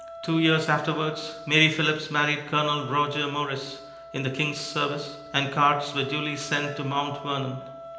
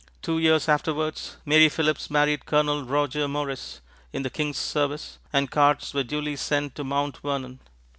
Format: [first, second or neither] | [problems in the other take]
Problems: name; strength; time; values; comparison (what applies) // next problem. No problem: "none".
second | background sound (Wind instrument, woodwind instrument); 16 dB below the speech // room echo; dies away in 0.9 s